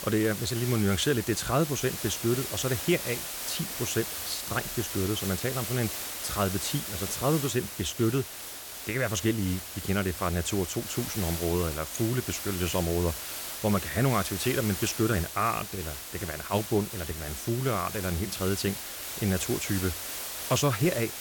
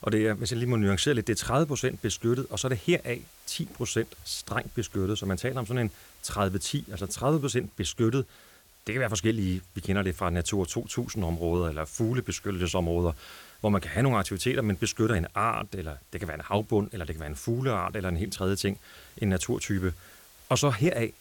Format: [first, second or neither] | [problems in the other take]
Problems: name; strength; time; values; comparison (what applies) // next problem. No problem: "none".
second | hiss; loud; throughout; 5 dB below the speech; faint in the second